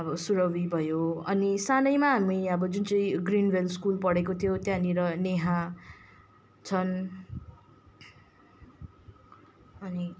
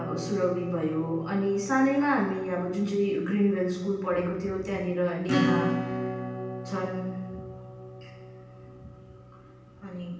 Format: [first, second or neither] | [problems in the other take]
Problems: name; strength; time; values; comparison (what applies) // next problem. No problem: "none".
first | background sound (Acoustic guitar / Strum); 6 dB below the speech // room echo; dies away in 0.9 s